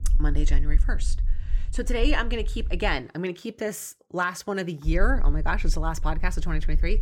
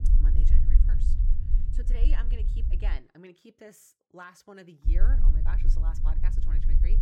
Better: first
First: low rumble; faint; until 3 s and from 5 s on; 25 dB below the speech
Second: low rumble; loud; until 3 s and from 5 s on; 3 dB below the speech

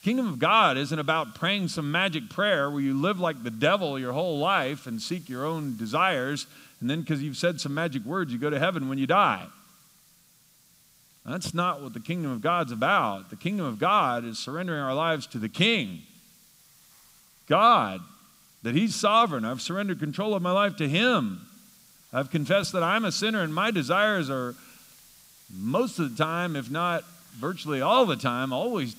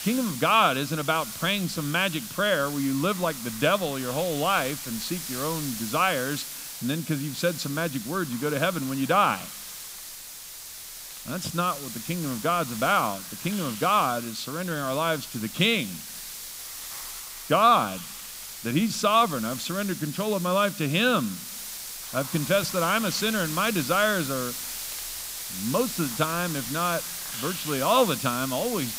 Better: first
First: hiss; faint; throughout; 30 dB below the speech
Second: hiss; loud; throughout; 8 dB below the speech

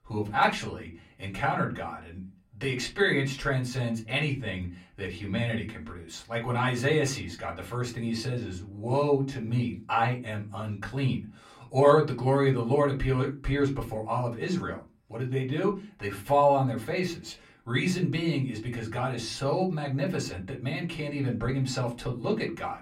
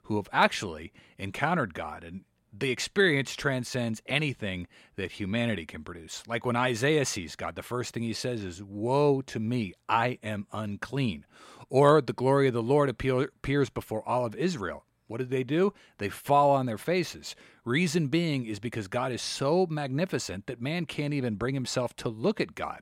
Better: second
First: off-mic speech; far // room echo; very slight; dies away in 0.3 s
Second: none

